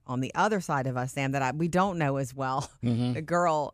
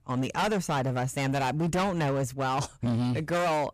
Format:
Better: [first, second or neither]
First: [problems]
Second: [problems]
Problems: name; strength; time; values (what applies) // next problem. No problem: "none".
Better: first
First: none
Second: distortion; heavy; 22% of the sound clipped